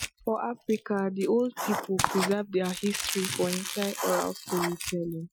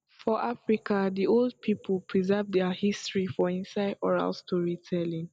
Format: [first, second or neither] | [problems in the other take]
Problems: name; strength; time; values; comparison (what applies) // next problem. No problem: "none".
second | noise reduction (classical method Wiener filter)